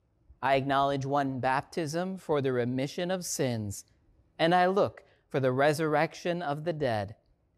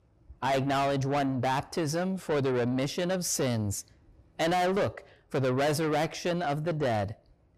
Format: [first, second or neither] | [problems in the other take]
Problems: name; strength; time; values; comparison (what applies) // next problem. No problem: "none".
first | distortion; heavy; 7 dB below the speech